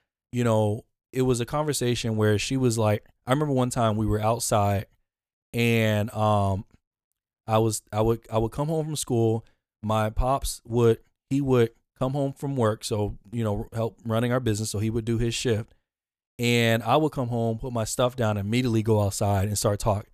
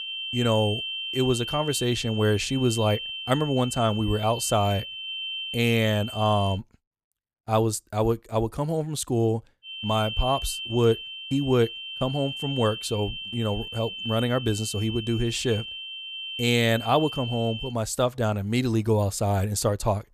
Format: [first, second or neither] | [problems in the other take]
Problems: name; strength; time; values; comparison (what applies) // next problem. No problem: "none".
first | high-pitched whine; loud; until 6.5 s and from 9.5 to 18 s; 3 kHz, 7 dB below the speech